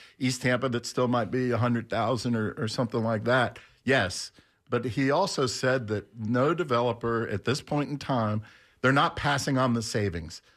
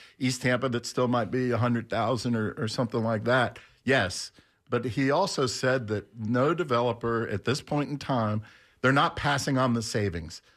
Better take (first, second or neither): neither